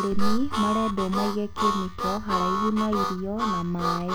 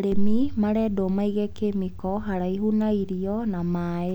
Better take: second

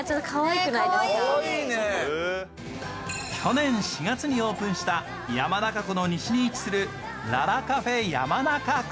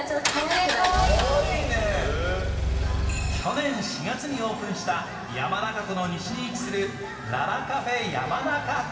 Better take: first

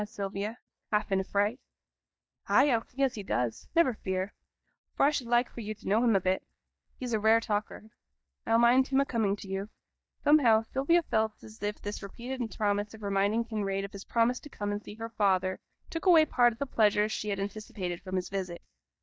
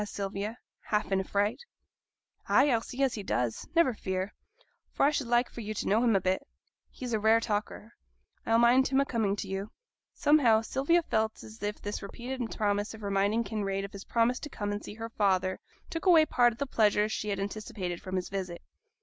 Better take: second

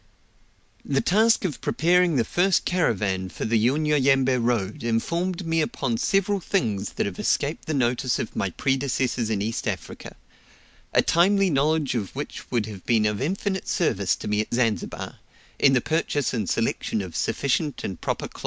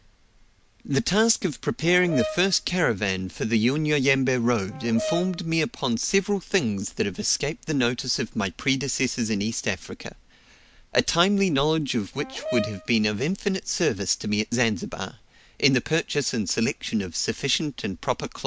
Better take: first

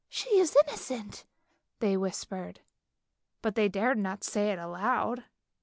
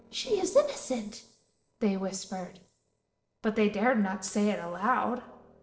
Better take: first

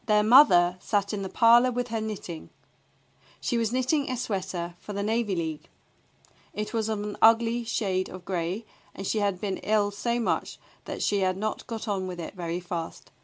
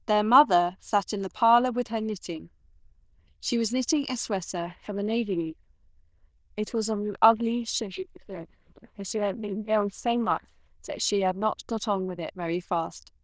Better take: first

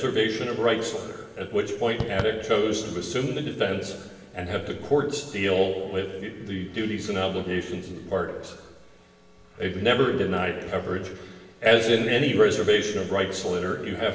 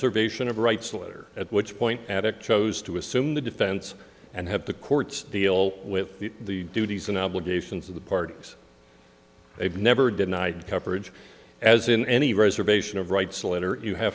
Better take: second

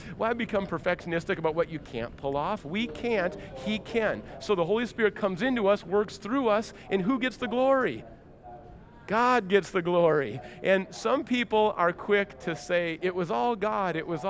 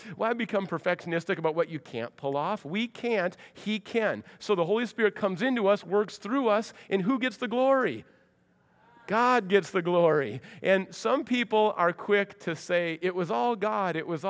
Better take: second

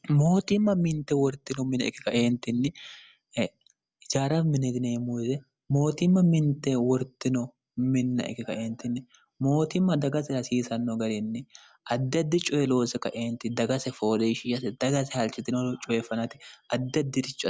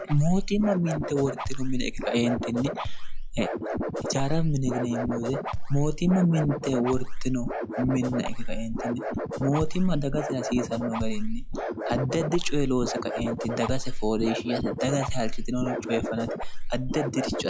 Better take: first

